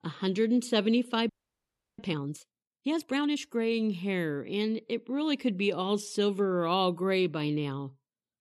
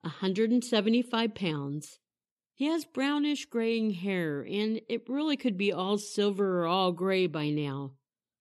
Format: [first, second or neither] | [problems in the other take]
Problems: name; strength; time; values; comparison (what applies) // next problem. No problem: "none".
second | audio freezing; at 1.5 s for 0.5 s